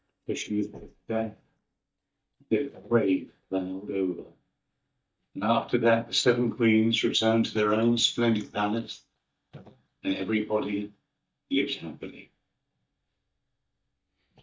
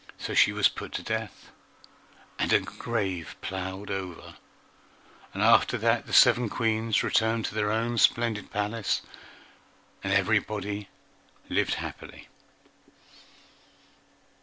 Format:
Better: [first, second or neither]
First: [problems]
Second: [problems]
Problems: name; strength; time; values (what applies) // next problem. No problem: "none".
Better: second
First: noise reduction (neural mask model DeepFilterNet 3)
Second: none